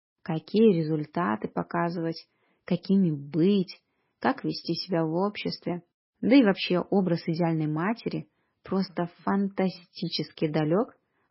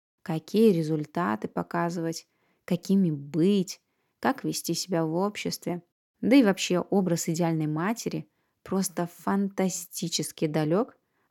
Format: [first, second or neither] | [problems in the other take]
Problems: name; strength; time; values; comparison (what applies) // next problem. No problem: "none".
second | garbled, watery; badly; nothing above 5.5 kHz